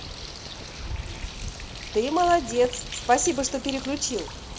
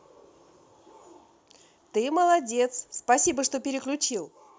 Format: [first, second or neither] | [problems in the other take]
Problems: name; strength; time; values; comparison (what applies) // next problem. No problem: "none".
second | background sound (Bird); 9 dB below the speech // room echo; dies away in 1.6 s